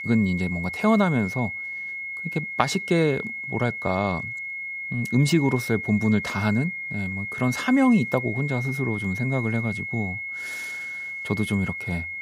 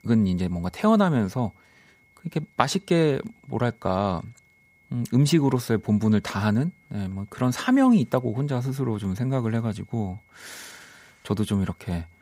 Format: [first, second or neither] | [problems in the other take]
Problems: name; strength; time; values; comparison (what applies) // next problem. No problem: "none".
second | high-pitched whine; loud; throughout; 2 kHz, 6 dB below the speech; faint in the second